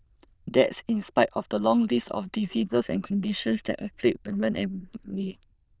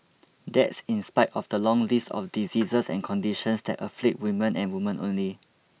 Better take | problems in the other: second | noise reduction (neural diffusion model UNIVERSE++)

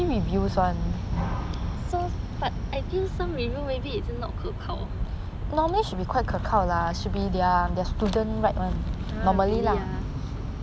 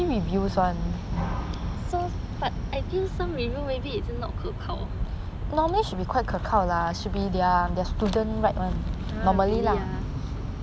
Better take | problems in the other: second | background sound (Bass guitar); 11 dB below the speech

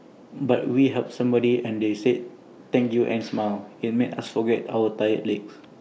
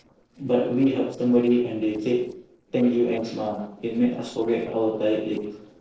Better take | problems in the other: first | noise reduction (neural separator model SepFormer DNS4)

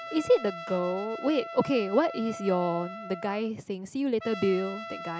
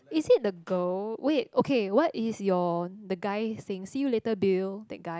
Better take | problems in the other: second | background sound (Trumpet); 12 dB below the speech

